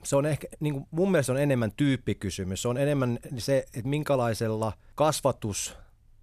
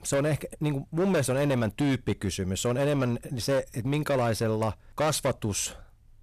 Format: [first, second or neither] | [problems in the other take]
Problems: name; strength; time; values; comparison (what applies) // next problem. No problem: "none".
first | distortion; slight; 12% of the sound clipped